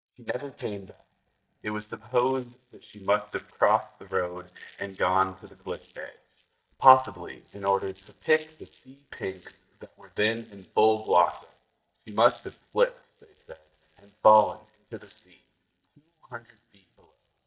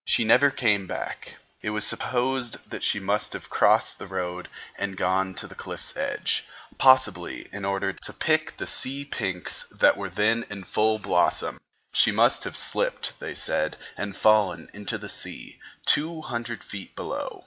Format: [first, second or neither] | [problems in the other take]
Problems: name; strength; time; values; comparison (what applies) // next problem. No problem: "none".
second | noise reduction (neural mask model DeepFilterNet 3)